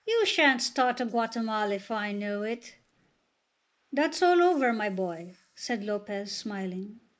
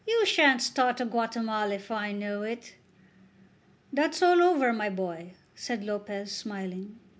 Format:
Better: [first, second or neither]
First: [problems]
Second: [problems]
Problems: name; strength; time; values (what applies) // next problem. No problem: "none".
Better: second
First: noise reduction (neural mask model Resemble Enhance denoiser)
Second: none